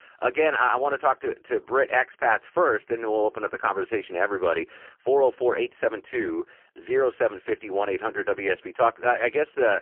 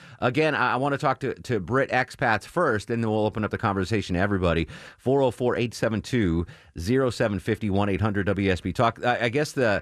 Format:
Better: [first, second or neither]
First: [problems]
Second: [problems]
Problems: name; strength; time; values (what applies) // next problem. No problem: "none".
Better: second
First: phone-call audio; poor line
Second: none